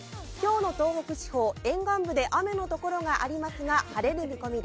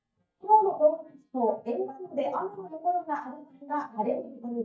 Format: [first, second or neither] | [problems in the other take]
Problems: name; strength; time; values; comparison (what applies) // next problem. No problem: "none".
first | noise reduction (neural mask model DeepFilterNet 3)